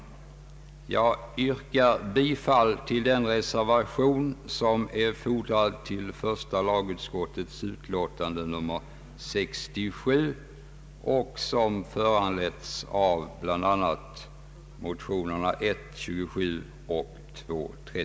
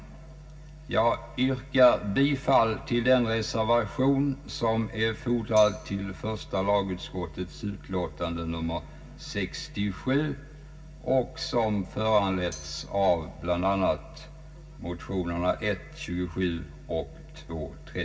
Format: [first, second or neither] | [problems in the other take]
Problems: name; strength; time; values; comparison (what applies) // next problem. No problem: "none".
first | background sound (Tambourine); 19 dB below the speech // room echo; dies away in 0.4 s